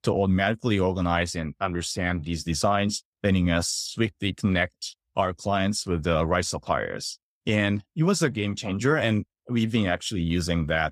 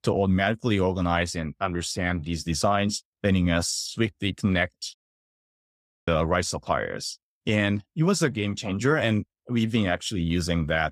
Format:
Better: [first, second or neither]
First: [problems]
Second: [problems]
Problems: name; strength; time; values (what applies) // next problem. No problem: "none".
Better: first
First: none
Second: audio cutting out; at 5 s for 1 s